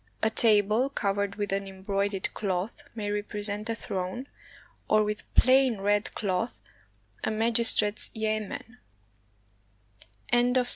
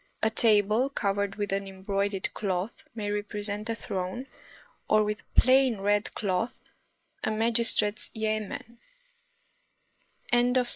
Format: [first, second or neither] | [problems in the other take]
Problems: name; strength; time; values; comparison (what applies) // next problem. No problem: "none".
first | noise reduction (neural mask model Resemble Enhance denoiser)